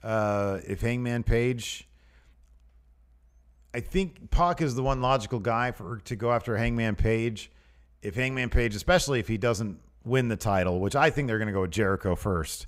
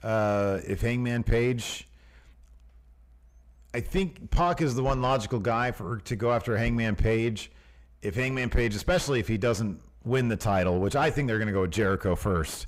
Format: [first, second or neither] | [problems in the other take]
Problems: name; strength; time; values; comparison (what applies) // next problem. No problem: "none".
first | distortion; slight; 10 dB below the speech